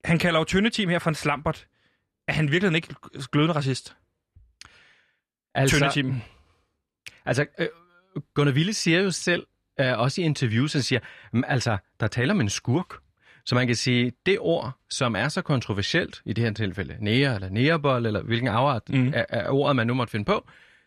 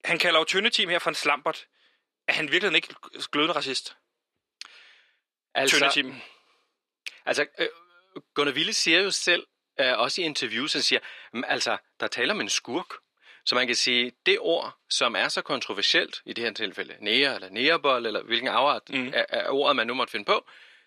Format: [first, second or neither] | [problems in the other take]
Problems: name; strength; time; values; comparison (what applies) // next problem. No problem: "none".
first | thin; somewhat; fading below 350 Hz